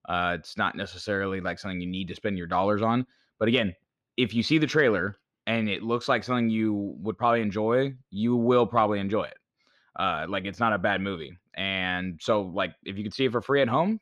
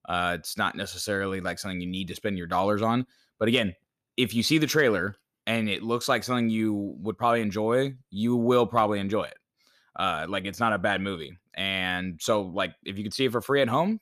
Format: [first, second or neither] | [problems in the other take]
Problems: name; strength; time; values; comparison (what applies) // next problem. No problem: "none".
second | muffled; very slightly; fading above 3.5 kHz